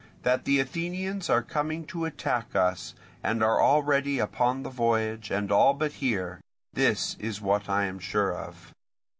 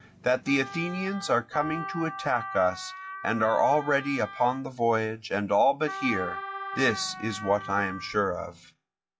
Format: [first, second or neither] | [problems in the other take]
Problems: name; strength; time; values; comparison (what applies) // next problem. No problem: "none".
first | noise reduction (classical method log-MMSE)